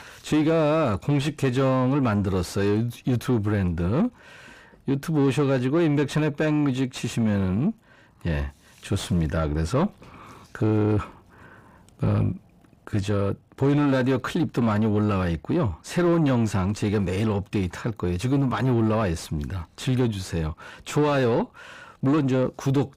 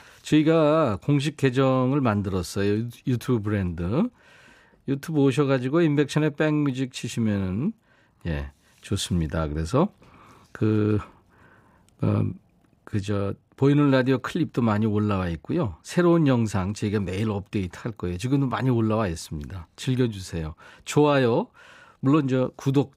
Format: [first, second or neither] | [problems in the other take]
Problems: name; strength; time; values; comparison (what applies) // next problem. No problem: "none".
second | distortion; slight; 10 dB below the speech